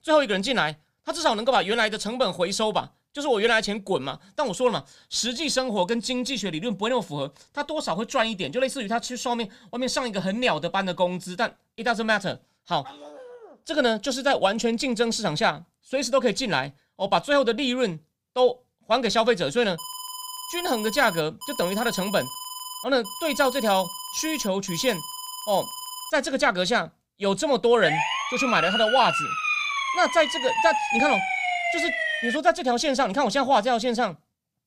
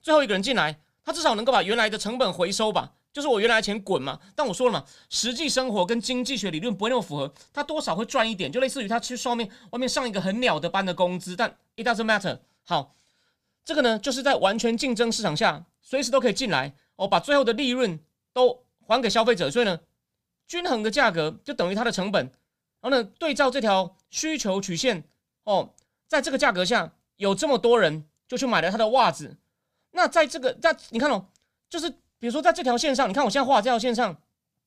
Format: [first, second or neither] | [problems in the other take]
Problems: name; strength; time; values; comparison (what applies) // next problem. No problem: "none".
second | dog barking; faint; at 13 s; peak 20 dB below the speech // alarm; noticeable; from 20 to 26 s; peak 9 dB below the speech // siren; loud; from 28 to 32 s; peak 2 dB above the speech